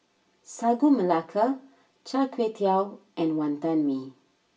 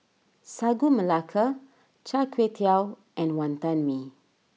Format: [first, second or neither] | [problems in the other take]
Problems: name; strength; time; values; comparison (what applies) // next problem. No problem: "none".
second | room echo; dies away in 0.2 s